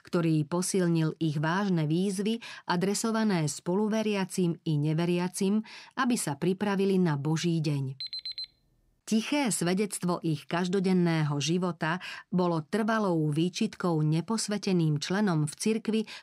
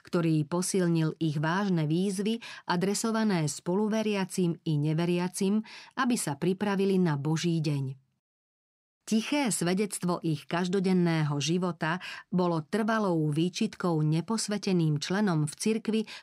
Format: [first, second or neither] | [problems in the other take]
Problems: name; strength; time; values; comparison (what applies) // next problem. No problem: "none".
second | alarm; noticeable; at 8 s; peak 6 dB below the speech